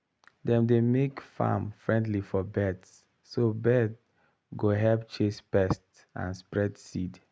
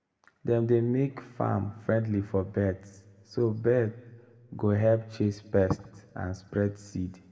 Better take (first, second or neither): first